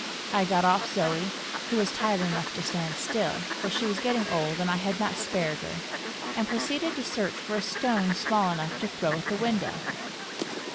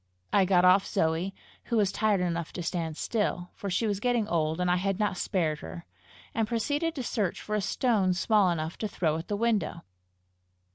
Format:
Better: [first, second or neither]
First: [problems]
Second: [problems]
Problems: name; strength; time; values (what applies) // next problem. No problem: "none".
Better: second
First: background sound (Fowl); 5 dB below the speech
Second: none